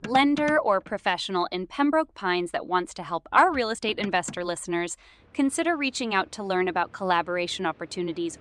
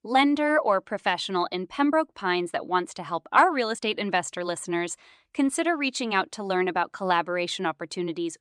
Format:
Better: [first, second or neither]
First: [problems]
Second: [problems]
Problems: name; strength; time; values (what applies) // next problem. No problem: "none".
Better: second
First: traffic noise; faint; throughout; 20 dB below the speech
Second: none